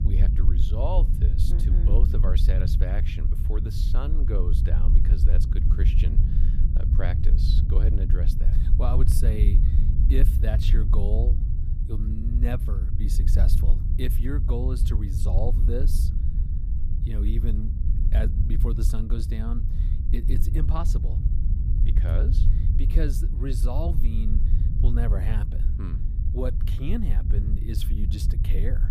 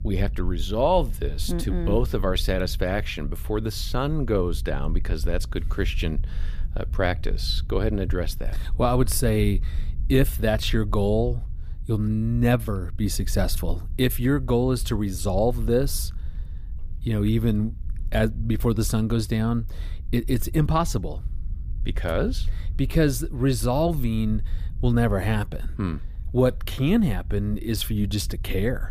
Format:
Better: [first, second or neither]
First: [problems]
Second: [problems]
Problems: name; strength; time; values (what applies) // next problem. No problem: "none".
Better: second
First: low rumble; loud; throughout; 4 dB below the speech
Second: low rumble; faint; throughout; 25 dB below the speech